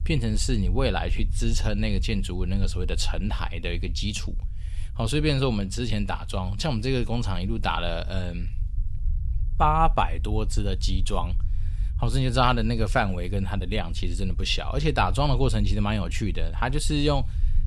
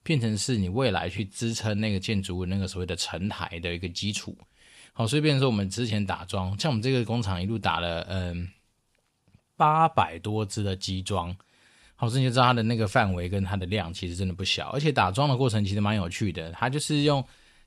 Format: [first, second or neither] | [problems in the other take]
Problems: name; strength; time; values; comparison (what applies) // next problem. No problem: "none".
second | low rumble; faint; throughout; 25 dB below the speech